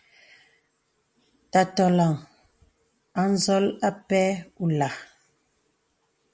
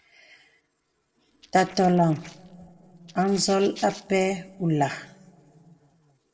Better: first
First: none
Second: noise reduction (neural separator model SepFormer DNS4)

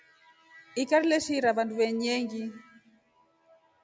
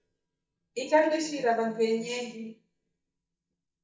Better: first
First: none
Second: noise reduction (neural mask model DeepFilterNet 3)

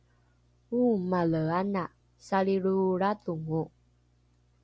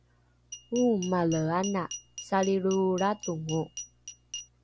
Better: first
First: none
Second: background sound (Glass); 14 dB below the speech

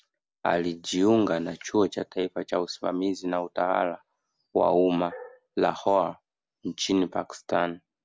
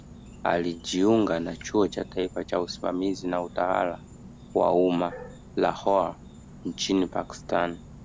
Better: first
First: none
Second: background sound (Insect); 18 dB below the speech

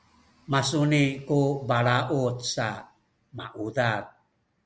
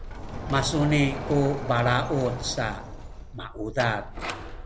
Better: first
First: none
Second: background sound (Sliding door); 7 dB below the speech

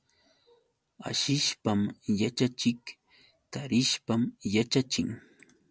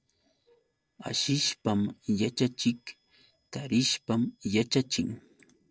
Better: first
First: none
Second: noise reduction (neural separator model SepFormer DNS4)

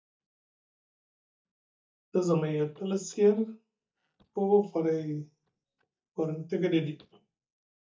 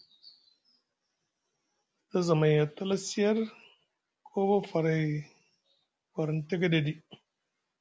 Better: second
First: noise reduction (neural mask model DeepFilterNet 3)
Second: none

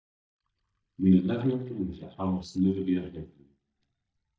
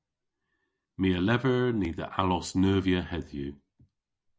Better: second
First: noise reduction (neural mask model DeepFilterNet 3)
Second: none

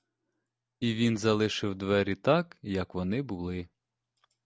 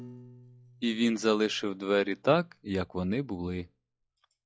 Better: first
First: none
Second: noise reduction (classical method log-MMSE)

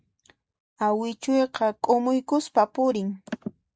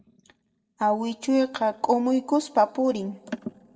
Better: first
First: none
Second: room echo; dies away in 0.8 s

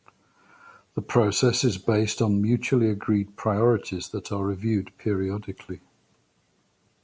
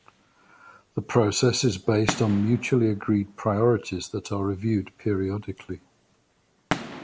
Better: first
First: none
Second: background sound (Fireworks); 14 dB below the speech

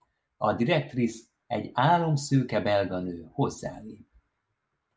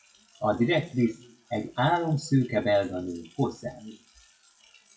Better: first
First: none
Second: noise reduction (classical method WPE with log-MMSE)

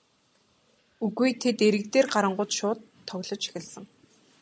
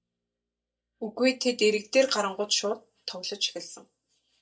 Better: first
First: none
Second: noise reduction (neural mask model DeepFilterNet 3)

